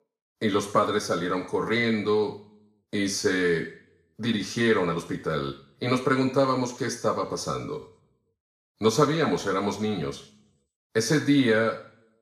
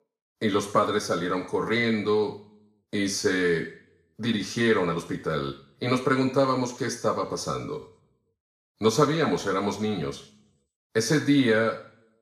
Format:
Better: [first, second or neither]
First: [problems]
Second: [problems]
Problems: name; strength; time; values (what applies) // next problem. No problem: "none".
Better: neither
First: room echo; slight; dies away in 0.5 s // off-mic speech; somewhat distant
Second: room echo; slight; dies away in 0.5 s // off-mic speech; somewhat distant